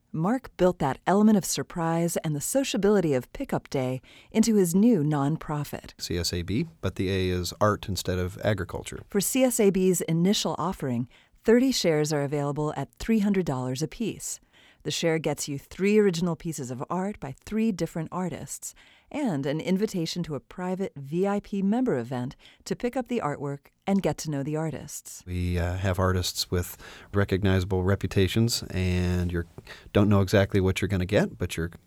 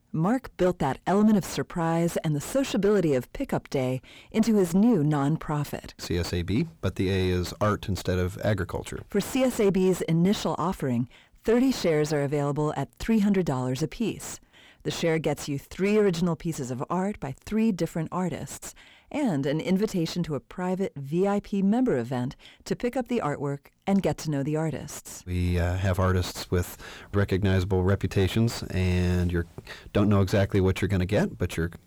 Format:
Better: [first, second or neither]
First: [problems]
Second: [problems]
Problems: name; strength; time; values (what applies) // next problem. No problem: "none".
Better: first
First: none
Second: distortion; slight; 10 dB below the speech